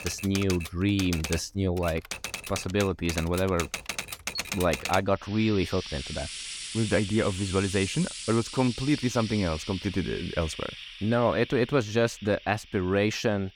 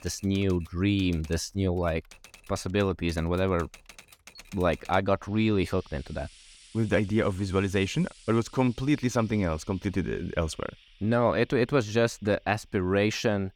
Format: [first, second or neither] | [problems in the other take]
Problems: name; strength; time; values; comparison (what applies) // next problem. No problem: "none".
second | household noises; loud; throughout; 9 dB below the speech; faint in the second